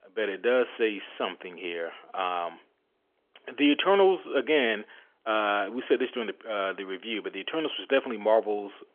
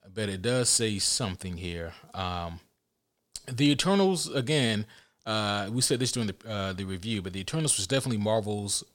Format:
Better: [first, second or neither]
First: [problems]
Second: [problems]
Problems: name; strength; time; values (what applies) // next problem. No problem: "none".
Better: second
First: phone-call audio; nothing above 3.5 kHz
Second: none